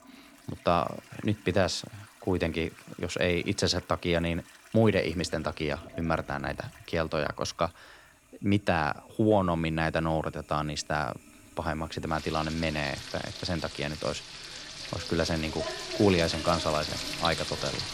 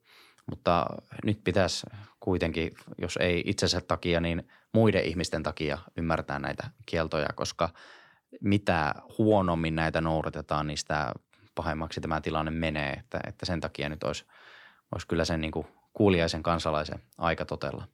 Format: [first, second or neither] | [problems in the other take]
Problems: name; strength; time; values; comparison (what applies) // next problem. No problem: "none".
second | household noises; loud; throughout; 7 dB below the speech